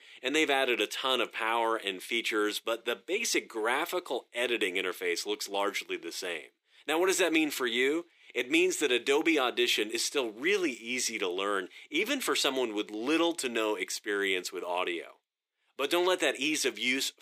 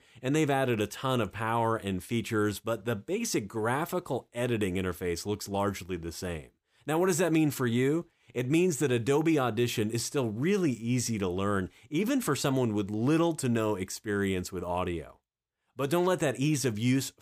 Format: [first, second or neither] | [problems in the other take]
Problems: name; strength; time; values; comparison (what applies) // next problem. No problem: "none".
second | thin; somewhat; fading below 350 Hz